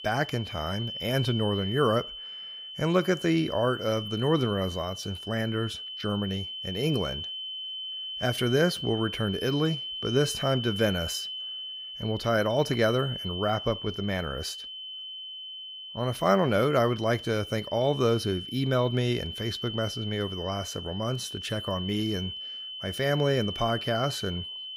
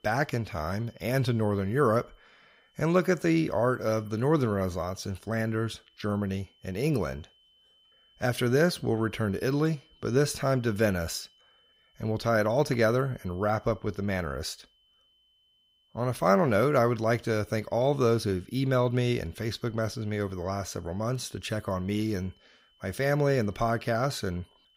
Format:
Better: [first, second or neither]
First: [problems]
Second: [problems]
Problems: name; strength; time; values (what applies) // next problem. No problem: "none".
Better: second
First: high-pitched whine; loud; throughout; 3 kHz, 7 dB below the speech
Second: high-pitched whine; faint; throughout; 3 kHz, 35 dB below the speech